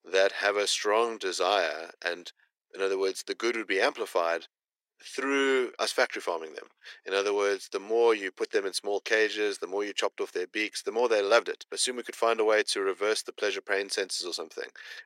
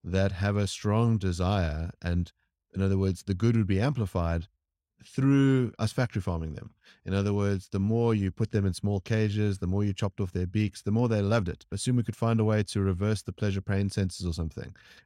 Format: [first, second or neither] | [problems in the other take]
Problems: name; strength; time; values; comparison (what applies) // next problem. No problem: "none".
second | thin; very; fading below 350 Hz